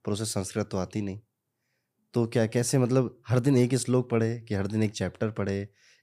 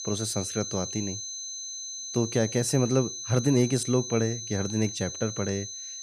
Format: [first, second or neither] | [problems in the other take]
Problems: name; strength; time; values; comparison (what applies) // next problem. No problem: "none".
first | high-pitched whine; loud; throughout; 6 kHz, 6 dB below the speech